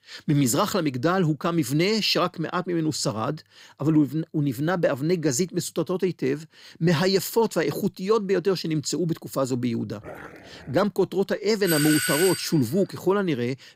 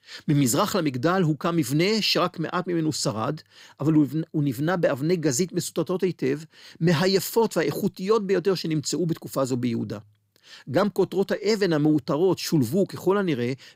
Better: second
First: dog barking; faint; at 10 s; peak 15 dB below the speech // doorbell; loud; at 12 s; peak 1 dB above the speech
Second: none

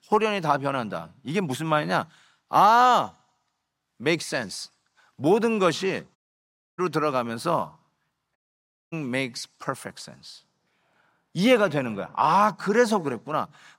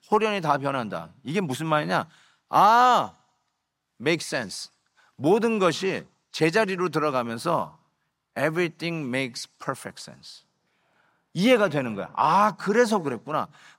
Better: second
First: audio cutting out; at 6 s for 0.5 s and at 8.5 s for 0.5 s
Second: none

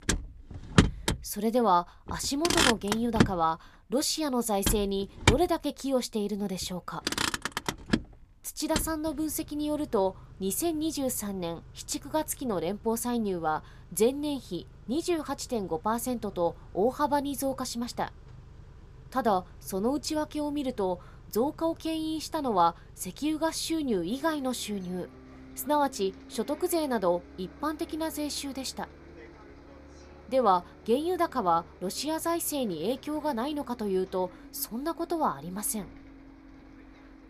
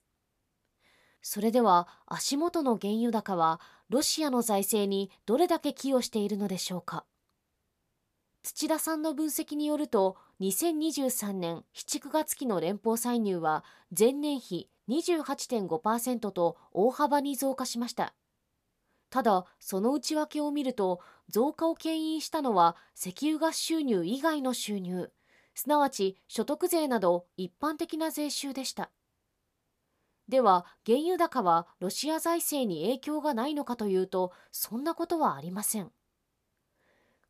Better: second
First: traffic noise; very loud; throughout; 1 dB above the speech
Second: none

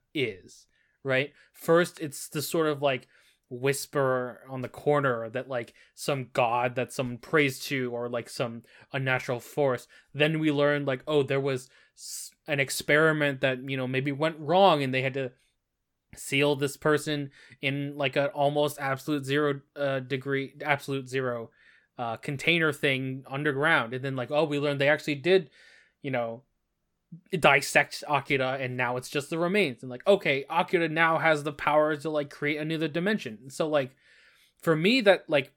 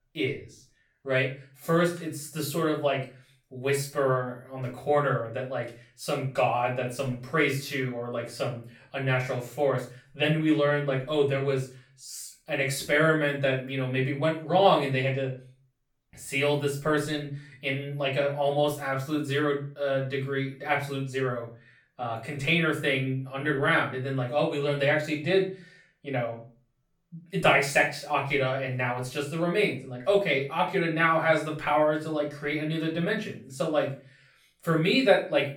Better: first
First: none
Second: off-mic speech; far // room echo; slight; dies away in 0.4 s

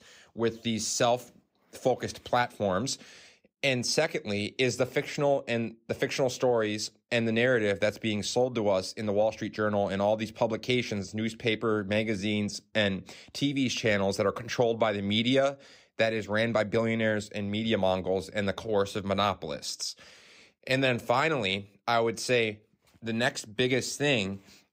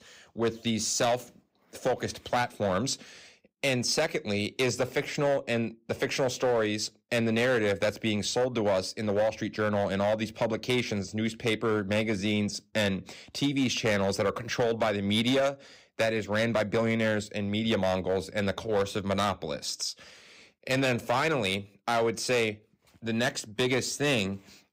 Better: first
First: none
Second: distortion; slight; 7% of the sound clipped

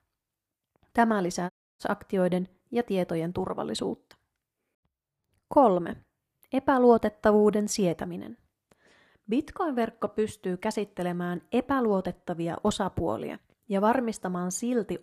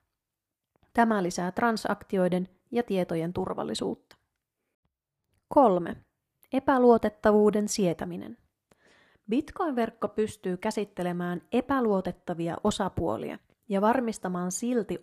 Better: second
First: audio cutting out; at 1.5 s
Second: none

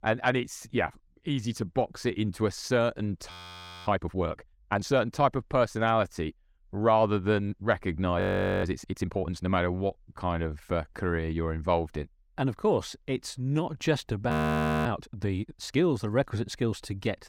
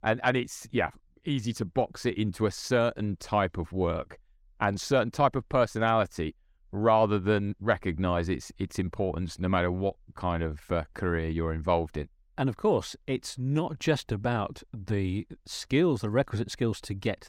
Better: second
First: audio freezing; at 3.5 s for 0.5 s, at 8 s and at 14 s for 0.5 s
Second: none

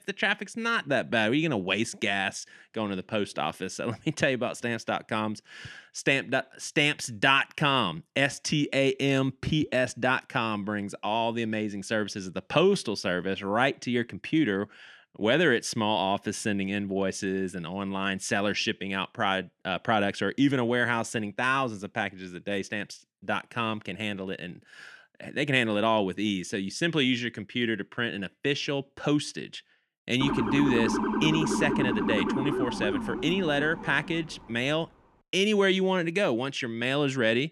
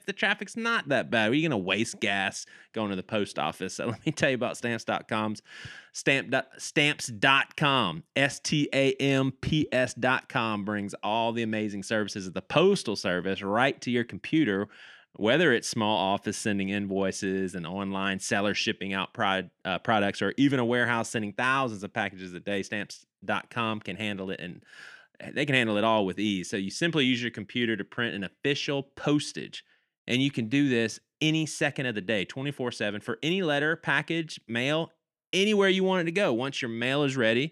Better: second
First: siren; loud; from 30 to 34 s; peak level with the speech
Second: none

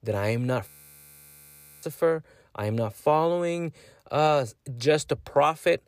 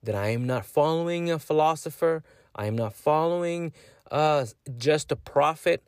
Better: second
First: audio freezing; at 0.5 s for 1 s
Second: none

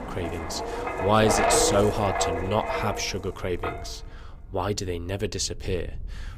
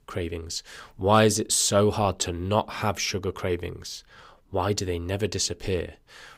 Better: second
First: wind noise on the microphone; heavy; 1 dB above the speech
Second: none

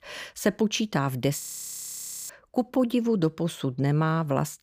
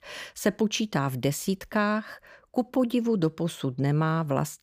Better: second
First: audio freezing; at 1.5 s for 1 s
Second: none

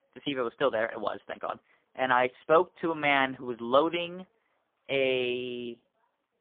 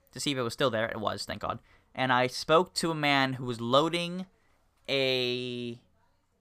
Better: second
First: phone-call audio; poor line; nothing above 3.5 kHz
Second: none

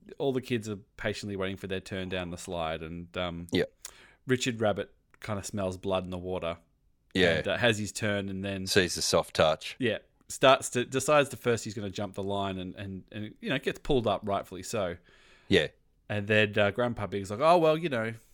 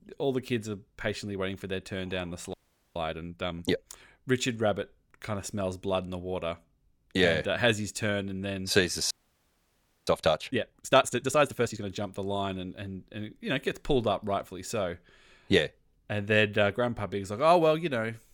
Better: first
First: none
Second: audio freezing; at 2.5 s and at 9 s for 1 s

